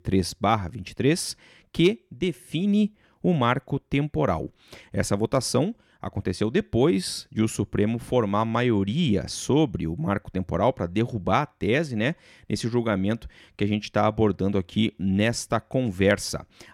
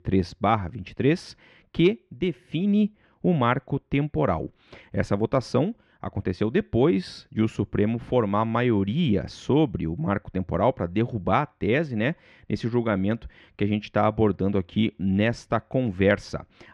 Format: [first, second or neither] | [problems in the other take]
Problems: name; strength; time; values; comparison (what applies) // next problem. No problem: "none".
first | muffled; slightly; fading above 3 kHz